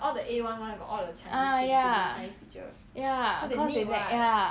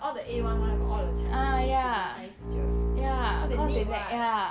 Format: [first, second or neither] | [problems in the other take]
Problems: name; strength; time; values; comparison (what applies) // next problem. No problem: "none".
first | background sound (Bowed string instrument); 3 dB above the speech